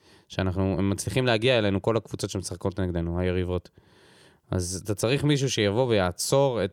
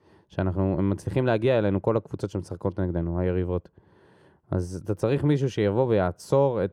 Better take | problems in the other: first | muffled; very; fading above 2 kHz

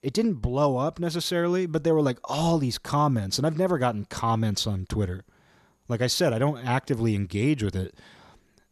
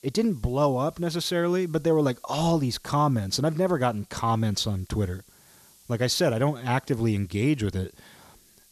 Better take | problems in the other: first | hiss; faint; throughout; 30 dB below the speech

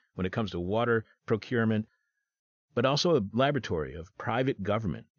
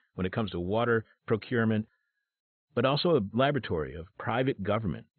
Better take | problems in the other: first | garbled, watery; badly; nothing above 4 kHz; slightly in the first

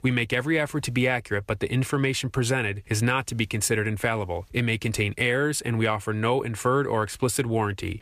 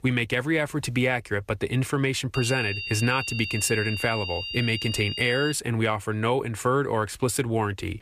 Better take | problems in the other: first | high-pitched whine; loud; from 2.5 to 5.5 s; 3 kHz, 6 dB below the speech

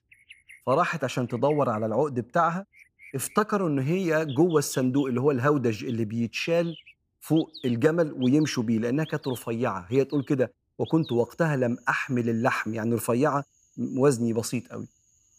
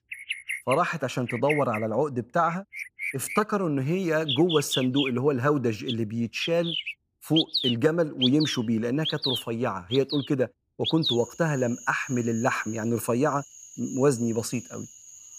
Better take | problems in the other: first | animal sounds; loud; throughout; 6 dB below the speech; faint in the first

